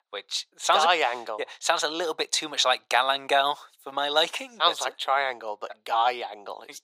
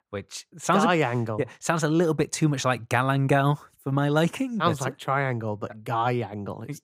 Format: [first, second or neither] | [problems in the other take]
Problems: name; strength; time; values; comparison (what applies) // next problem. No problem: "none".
second | thin; very; fading below 500 Hz